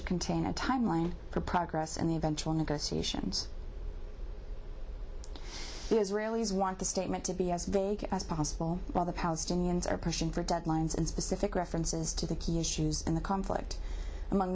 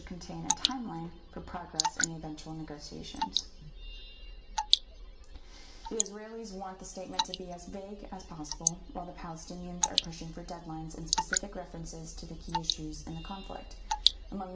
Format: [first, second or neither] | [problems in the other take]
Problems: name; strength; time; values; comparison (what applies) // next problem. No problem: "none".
first | background sound (Drip / Water); 5 dB above the speech // room echo; dies away in 0.7 s